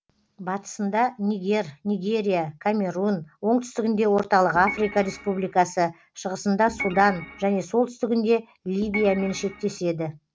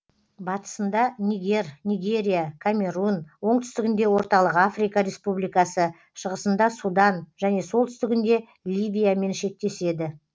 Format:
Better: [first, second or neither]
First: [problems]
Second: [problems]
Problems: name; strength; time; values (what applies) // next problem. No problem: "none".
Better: second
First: background sound (Organ); 12 dB below the speech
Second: none